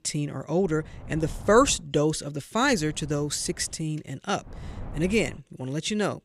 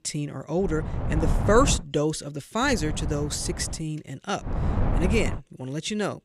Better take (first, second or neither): first